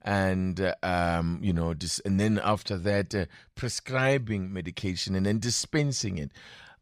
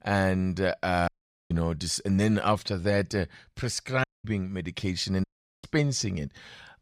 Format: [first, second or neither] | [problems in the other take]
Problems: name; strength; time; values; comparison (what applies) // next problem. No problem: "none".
first | audio cutting out; at 1 s, at 4 s and at 5 s